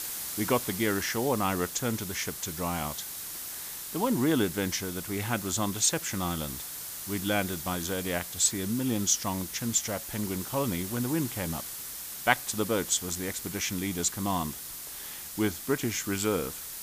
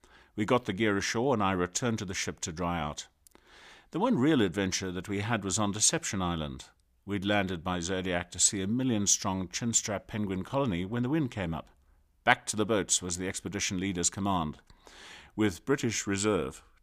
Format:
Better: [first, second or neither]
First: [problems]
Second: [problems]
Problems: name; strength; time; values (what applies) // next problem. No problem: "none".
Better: second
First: hiss; loud; throughout; 7 dB below the speech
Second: none